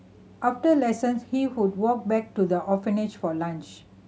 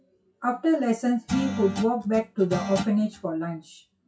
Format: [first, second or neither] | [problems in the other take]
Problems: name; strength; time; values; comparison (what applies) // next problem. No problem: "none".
first | noise reduction (classical method WPE with log-MMSE)